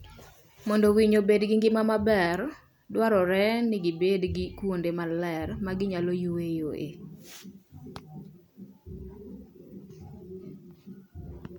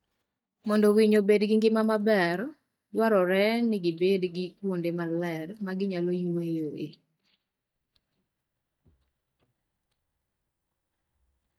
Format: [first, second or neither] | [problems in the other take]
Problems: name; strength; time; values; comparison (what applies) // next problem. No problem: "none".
first | noise reduction (neural mask model DeepFilterNet 3)